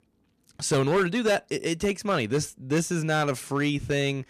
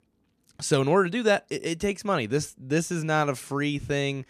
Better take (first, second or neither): second